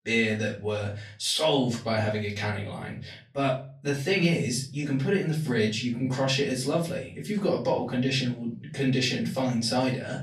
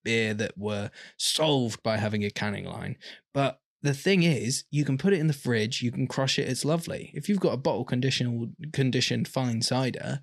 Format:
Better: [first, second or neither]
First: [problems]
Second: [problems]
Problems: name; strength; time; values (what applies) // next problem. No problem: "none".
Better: second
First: off-mic speech; far // room echo; slight; dies away in 0.3 s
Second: none